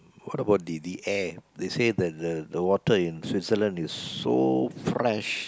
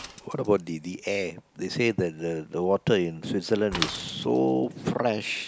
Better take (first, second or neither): first